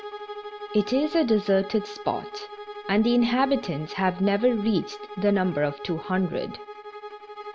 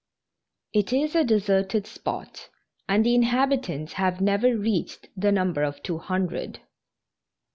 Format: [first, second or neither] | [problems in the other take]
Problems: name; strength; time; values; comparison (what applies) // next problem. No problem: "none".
second | background sound (Bowed string instrument); 13 dB below the speech